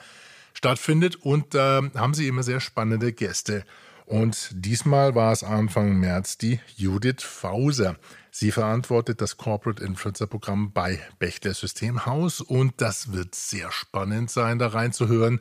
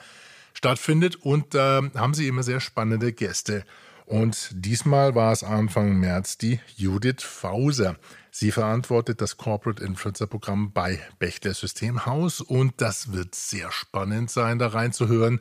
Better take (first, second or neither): neither